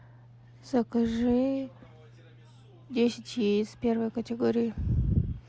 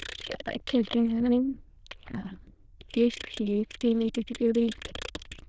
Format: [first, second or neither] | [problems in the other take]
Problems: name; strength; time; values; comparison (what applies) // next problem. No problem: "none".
first | noise reduction (neural diffusion model UNIVERSE++)